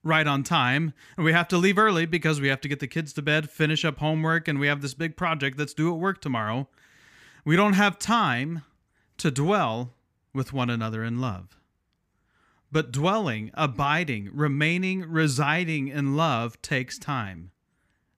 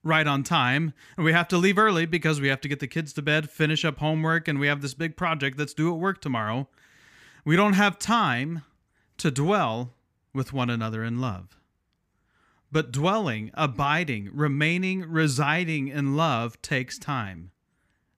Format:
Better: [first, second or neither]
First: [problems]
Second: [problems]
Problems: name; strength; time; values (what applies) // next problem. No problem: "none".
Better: neither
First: none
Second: none